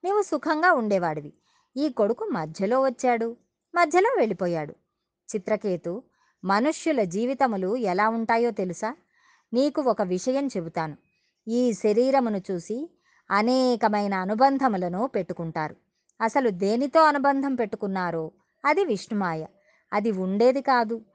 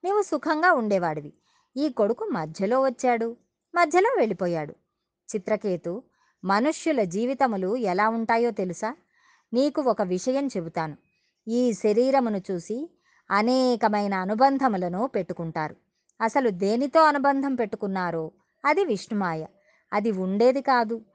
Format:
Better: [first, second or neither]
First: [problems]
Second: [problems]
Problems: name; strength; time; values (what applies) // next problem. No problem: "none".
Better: neither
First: none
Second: none